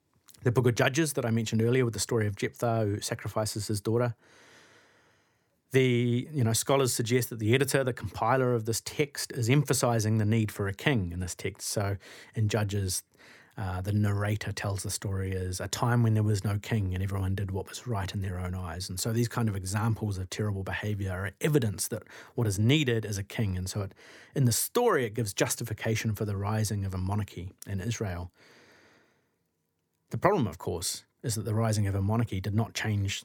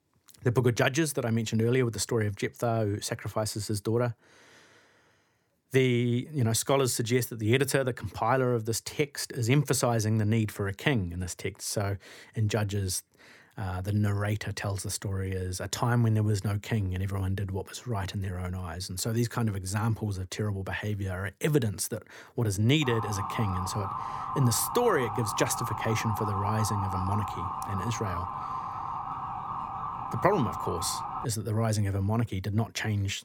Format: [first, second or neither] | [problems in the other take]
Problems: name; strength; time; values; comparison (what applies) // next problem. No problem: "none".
first | siren; noticeable; from 23 to 31 s; peak 4 dB below the speech